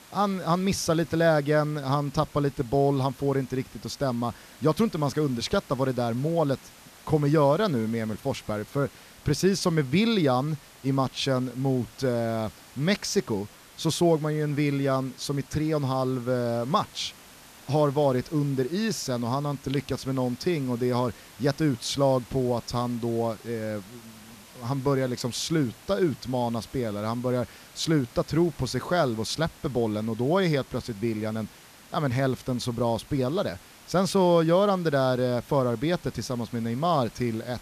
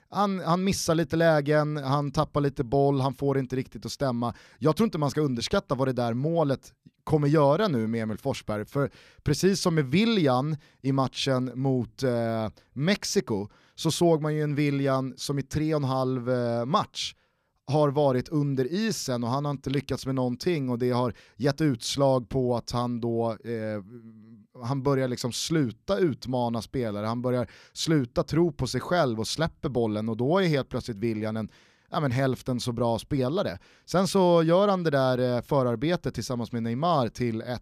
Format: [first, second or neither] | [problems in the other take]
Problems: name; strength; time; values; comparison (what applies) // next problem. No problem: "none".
second | hiss; faint; throughout; 20 dB below the speech